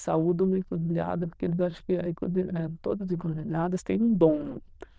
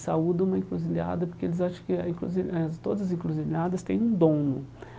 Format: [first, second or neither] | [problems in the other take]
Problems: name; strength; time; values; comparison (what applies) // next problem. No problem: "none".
second | noise reduction (neural diffusion model UNIVERSE++)